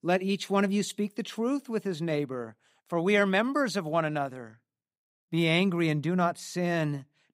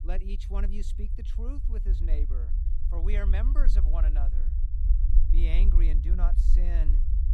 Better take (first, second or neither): first